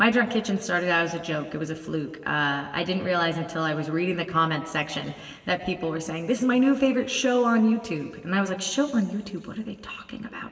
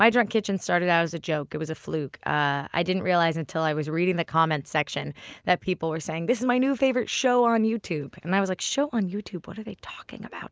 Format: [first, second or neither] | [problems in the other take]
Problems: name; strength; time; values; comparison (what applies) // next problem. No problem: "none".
second | room echo; dies away in 2.7 s